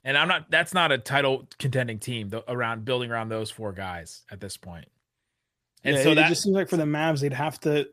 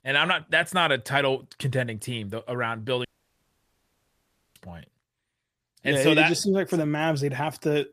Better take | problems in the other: first | audio cutting out; at 3 s for 1.5 s

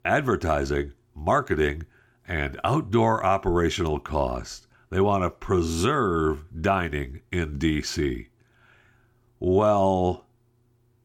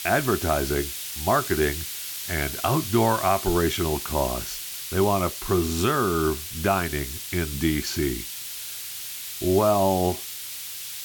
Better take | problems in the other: first | hiss; loud; throughout; 7 dB below the speech

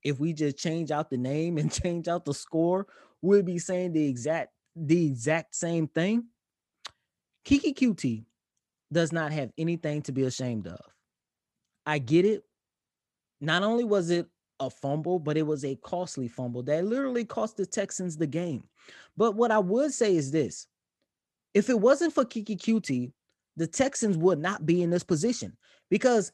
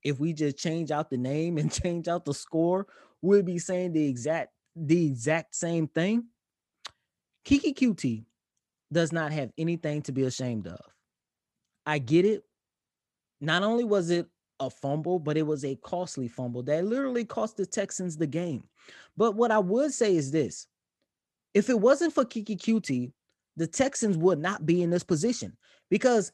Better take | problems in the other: neither | none

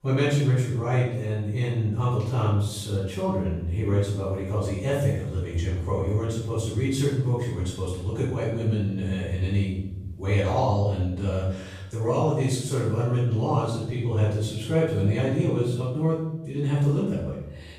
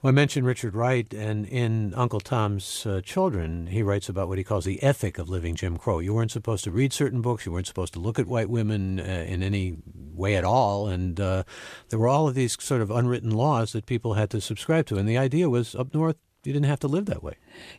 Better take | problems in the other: second | off-mic speech; far // room echo; noticeable; dies away in 0.8 s

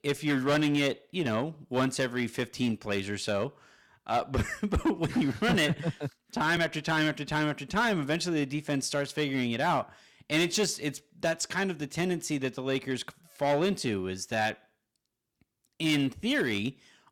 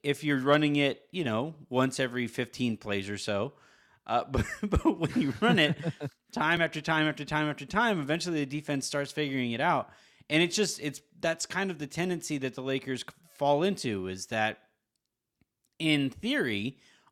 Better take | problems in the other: second | distortion; slight; 5% of the sound clipped

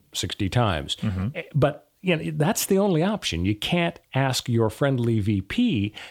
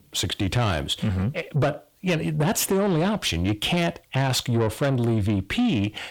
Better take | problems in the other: first | distortion; slight; 10 dB below the speech

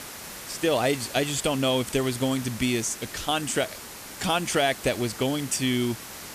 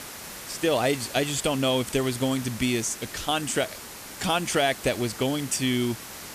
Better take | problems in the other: neither | hiss; noticeable; throughout; 10 dB below the speech; the same in both

